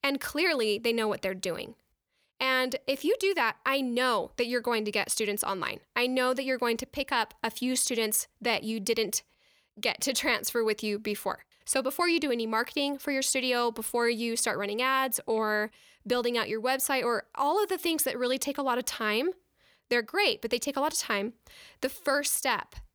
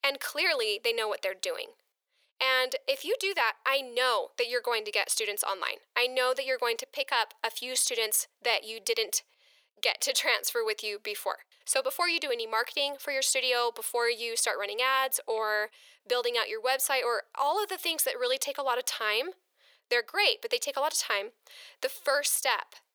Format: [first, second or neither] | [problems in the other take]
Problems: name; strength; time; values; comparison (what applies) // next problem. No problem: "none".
first | thin; very; fading below 500 Hz